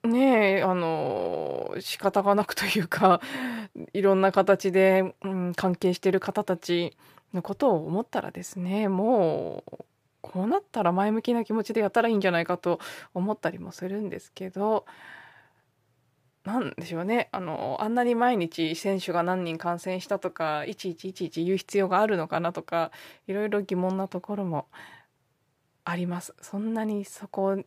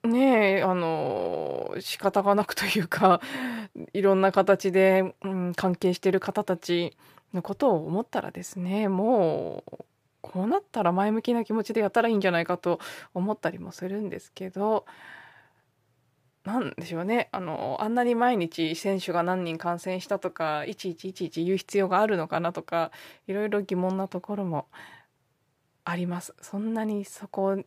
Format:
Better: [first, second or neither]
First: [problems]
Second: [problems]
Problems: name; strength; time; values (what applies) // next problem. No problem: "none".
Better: neither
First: none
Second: none